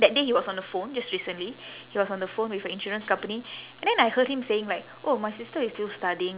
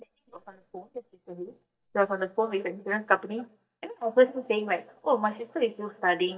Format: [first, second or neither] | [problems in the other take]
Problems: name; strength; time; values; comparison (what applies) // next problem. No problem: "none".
first | noise reduction (neural mask model DeepFilterNet 3)